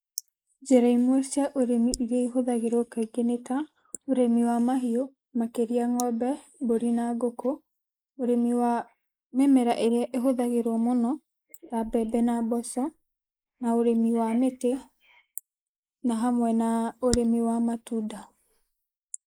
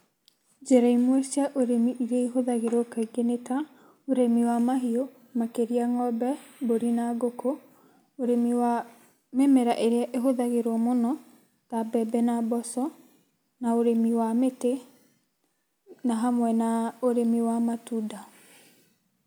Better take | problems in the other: second | noise reduction (neural mask model Resemble Enhance denoiser)

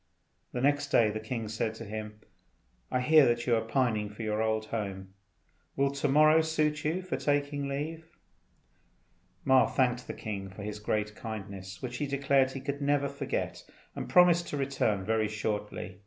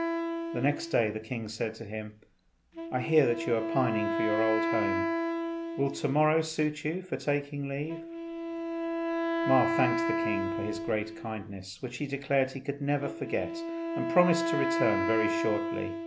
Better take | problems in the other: first | background sound (Wind instrument, woodwind instrument); 2 dB below the speech

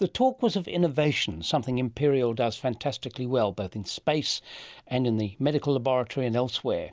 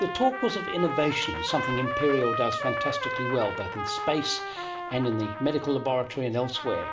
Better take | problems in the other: first | background sound (Trumpet); 5 dB below the speech // room echo; dies away in 1.8 s

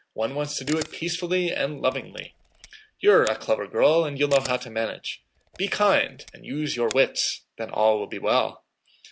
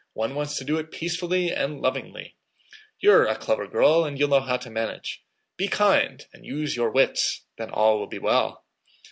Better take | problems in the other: second | background sound (Camera); 18 dB below the speech

